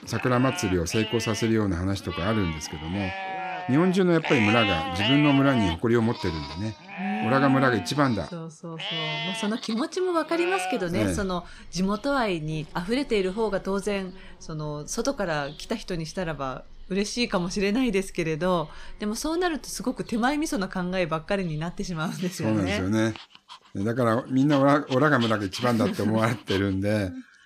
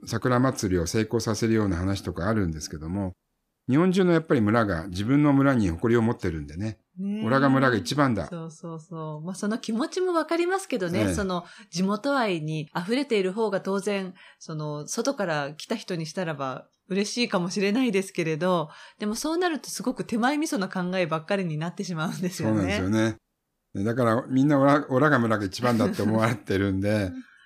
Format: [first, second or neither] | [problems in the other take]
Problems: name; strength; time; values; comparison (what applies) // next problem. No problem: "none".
second | animal sounds; loud; throughout; 7 dB below the speech